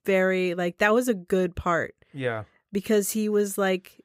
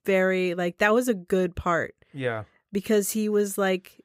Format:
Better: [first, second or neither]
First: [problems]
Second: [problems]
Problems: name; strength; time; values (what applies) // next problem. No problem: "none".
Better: neither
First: none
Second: none